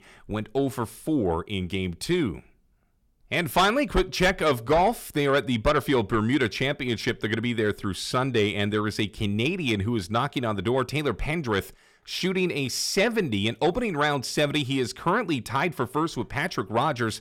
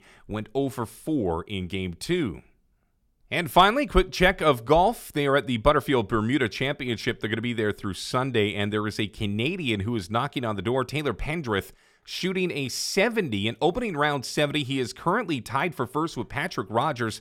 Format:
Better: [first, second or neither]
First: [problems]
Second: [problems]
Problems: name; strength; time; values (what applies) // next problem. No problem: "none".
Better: second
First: distortion; slight; 10 dB below the speech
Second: none